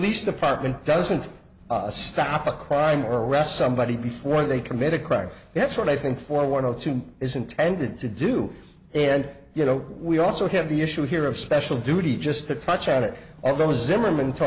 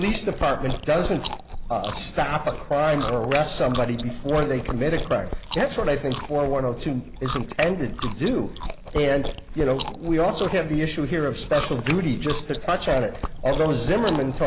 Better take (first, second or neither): first